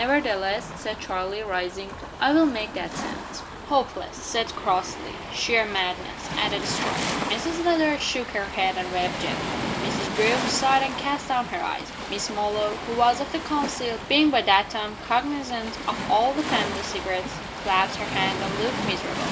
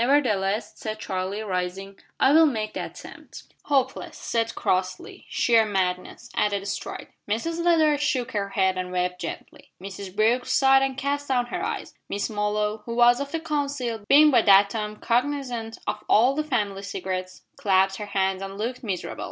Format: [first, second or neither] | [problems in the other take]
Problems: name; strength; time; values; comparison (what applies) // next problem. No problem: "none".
second | background sound (Waves, surf); 6 dB below the speech